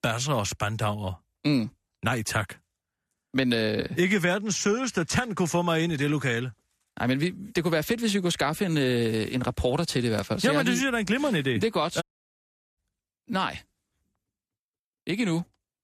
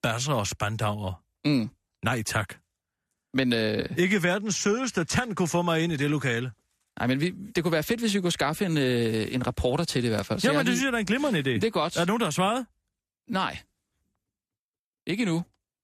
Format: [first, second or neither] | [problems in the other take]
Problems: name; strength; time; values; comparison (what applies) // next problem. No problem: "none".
second | audio cutting out; at 12 s for 1 s